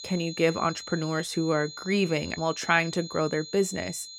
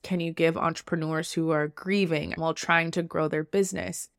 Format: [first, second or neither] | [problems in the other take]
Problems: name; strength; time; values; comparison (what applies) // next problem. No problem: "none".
second | high-pitched whine; noticeable; throughout; 4 kHz, 10 dB below the speech